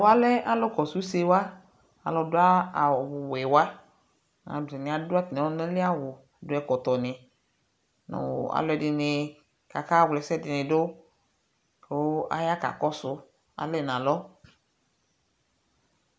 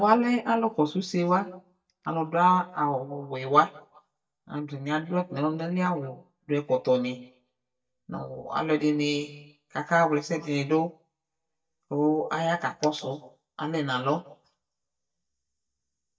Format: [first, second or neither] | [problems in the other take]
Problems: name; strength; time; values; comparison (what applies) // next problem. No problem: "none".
first | noise reduction (neural mask model DeepFilterNet 3)